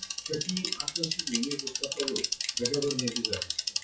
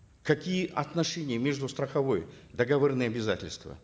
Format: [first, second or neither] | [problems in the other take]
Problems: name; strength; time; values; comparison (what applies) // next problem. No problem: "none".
second | noise reduction (classical method WPE with log-MMSE)